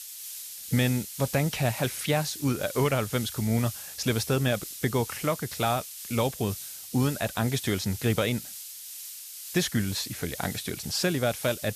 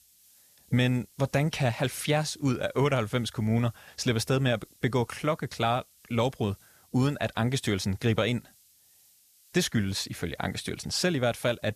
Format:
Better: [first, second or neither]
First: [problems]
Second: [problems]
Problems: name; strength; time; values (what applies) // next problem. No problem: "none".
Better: second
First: hiss; loud; throughout; 9 dB below the speech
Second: hiss; faint; throughout; 30 dB below the speech